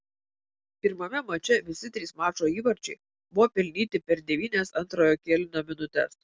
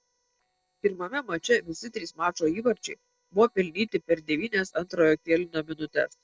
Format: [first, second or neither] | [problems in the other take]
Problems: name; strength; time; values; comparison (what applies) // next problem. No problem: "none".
first | noise reduction (neural separator model SepFormer DNS4)